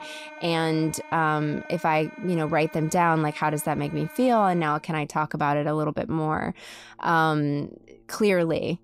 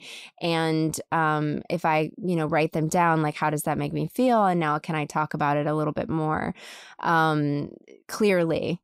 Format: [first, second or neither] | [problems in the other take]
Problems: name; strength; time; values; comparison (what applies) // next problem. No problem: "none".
second | background music; noticeable; throughout; 20 dB below the speech